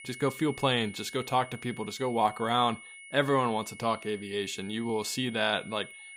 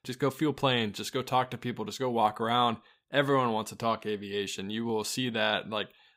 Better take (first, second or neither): second